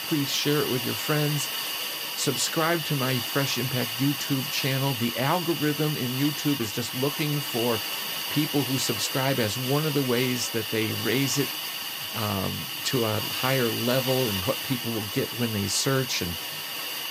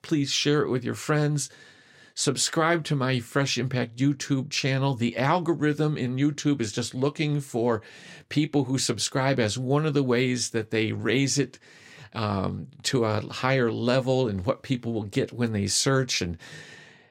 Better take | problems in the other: second | hiss; loud; throughout; 2 dB below the speech

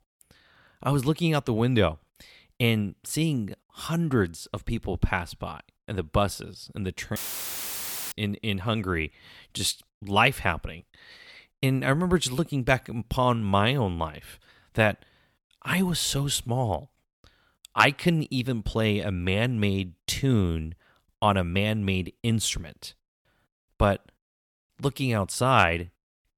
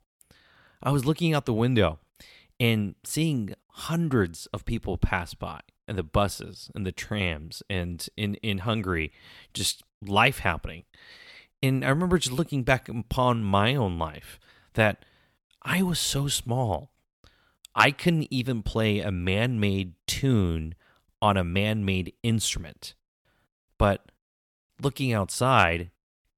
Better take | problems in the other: second | audio cutting out; filled with static; at 7 s for 1 s

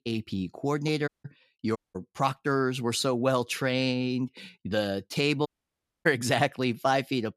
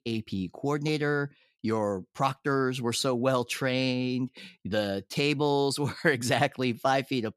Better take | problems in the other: second | audio cutting out; at 1 s, at 2 s and at 5.5 s for 0.5 s

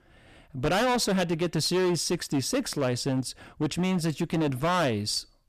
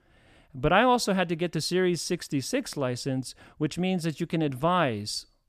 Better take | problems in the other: second | distortion; heavy; 15% of the sound clipped

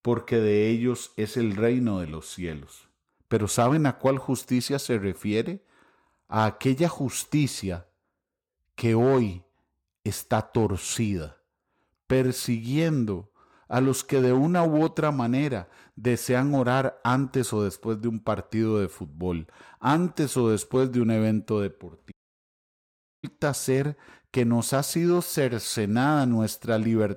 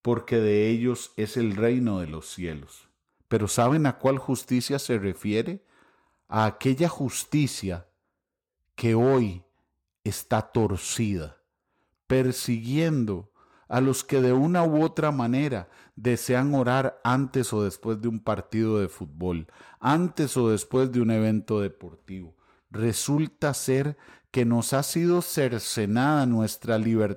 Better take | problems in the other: second | audio cutting out; at 22 s for 1 s

